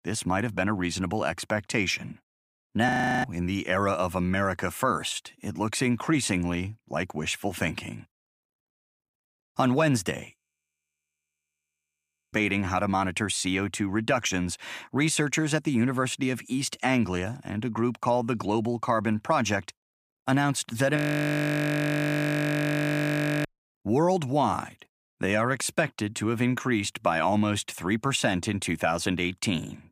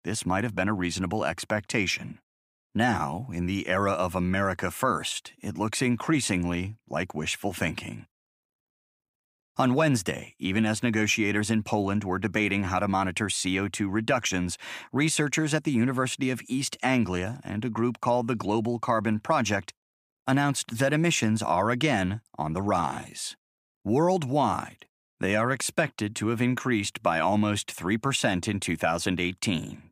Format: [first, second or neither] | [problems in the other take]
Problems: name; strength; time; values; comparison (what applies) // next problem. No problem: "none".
second | audio freezing; at 3 s, at 10 s for 2 s and at 21 s for 2.5 s